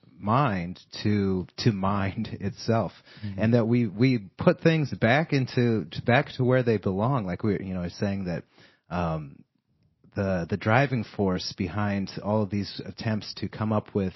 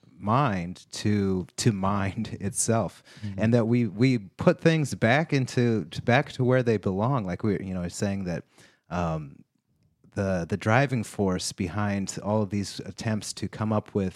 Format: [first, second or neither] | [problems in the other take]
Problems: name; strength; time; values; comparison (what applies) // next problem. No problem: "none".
second | garbled, watery; slightly; nothing above 5.5 kHz